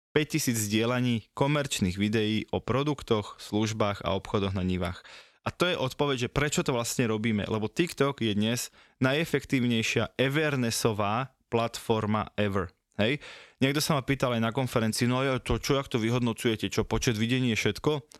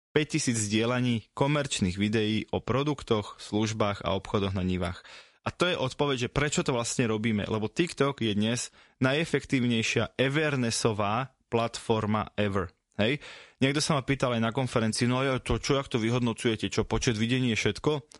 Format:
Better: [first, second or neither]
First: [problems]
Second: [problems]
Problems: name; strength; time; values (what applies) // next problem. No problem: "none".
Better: first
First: none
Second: garbled, watery; slightly; nothing above 11 kHz